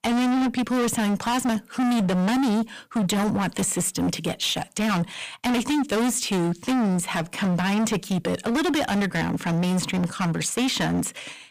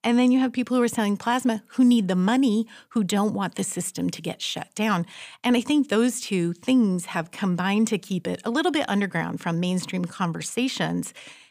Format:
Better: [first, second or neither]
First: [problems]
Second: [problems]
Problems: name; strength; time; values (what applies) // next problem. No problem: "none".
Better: second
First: distortion; heavy; 32% of the sound clipped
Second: none